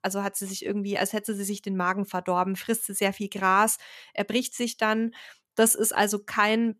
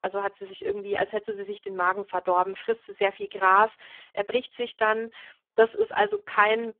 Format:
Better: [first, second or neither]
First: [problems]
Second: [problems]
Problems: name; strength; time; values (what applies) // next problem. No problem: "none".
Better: first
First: none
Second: phone-call audio; poor line